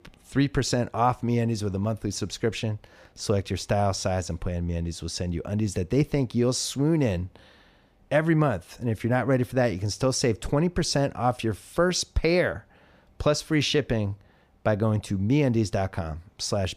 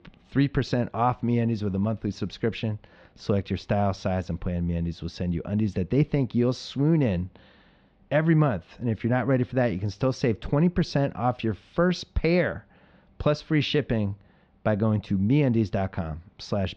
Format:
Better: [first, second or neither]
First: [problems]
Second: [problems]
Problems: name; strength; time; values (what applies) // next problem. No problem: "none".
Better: first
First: none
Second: muffled; slightly; fading above 4 kHz